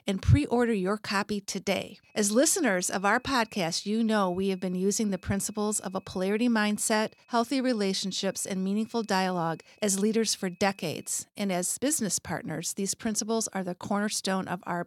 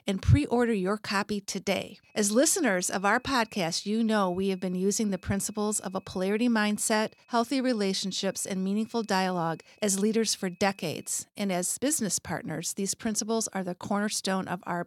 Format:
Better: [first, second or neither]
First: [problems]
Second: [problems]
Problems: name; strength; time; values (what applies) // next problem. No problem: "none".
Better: neither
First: high-pitched whine; faint; from 2 to 11 s; 2.5 kHz, 35 dB below the speech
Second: high-pitched whine; faint; from 2 to 11 s; 2.5 kHz, 35 dB below the speech